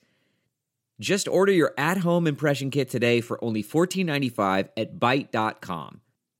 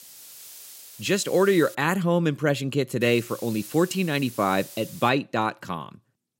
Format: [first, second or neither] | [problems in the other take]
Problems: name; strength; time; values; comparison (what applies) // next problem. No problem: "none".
first | hiss; noticeable; until 2 s and from 3 to 5 s; 15 dB below the speech